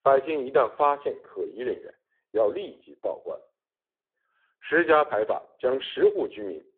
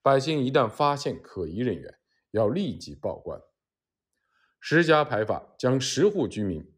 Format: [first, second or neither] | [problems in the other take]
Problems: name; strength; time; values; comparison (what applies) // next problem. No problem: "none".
second | phone-call audio; poor line